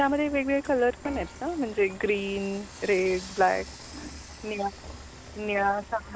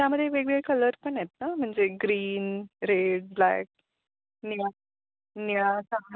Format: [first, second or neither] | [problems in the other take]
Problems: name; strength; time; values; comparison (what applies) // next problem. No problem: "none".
second | background sound (Frying (food) / Dishes, pots, and pans); 15 dB below the speech